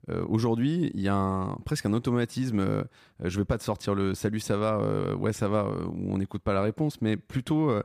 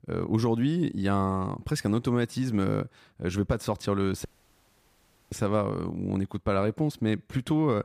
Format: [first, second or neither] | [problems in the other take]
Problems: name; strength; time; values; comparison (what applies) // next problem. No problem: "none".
first | audio cutting out; at 4.5 s for 1 s